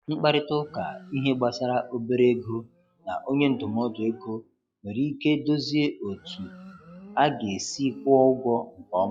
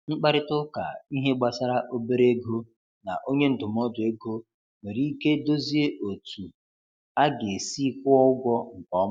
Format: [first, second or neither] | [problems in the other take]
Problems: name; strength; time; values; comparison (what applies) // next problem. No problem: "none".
second | noise reduction (classical method log-MMSE)